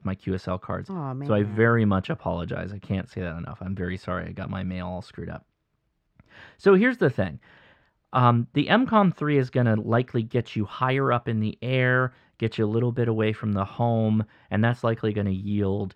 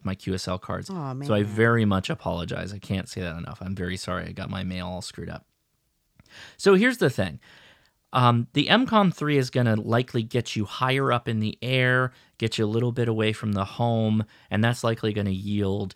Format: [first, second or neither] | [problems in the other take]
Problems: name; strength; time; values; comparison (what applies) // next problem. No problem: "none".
second | muffled; slightly; fading above 4 kHz